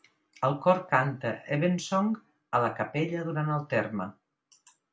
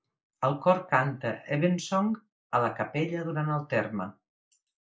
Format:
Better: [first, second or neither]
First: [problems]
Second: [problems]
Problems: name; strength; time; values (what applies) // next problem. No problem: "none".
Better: first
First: none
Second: noise reduction (neural mask model Resemble Enhance denoiser)